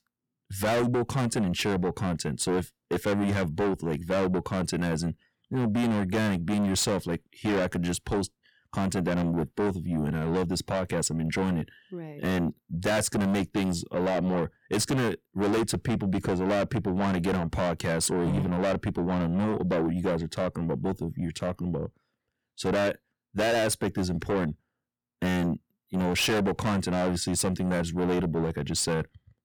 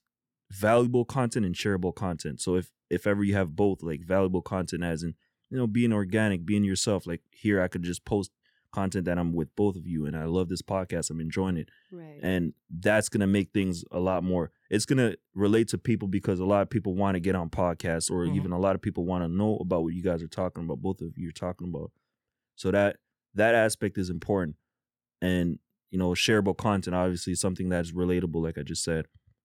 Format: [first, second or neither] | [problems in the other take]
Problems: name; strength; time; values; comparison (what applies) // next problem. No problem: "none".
second | distortion; heavy; 6 dB below the speech